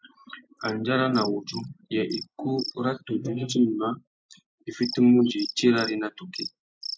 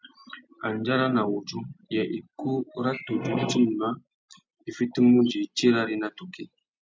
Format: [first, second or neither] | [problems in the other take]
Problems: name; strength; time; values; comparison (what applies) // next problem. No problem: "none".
second | noise reduction (neural mask model Resemble Enhance denoiser)